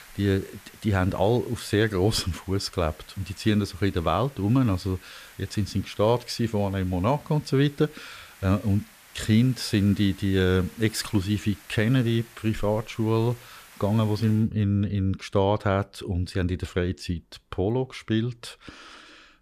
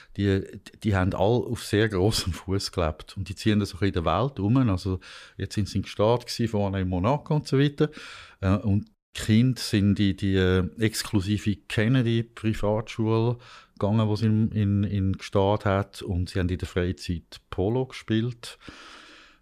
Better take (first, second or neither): second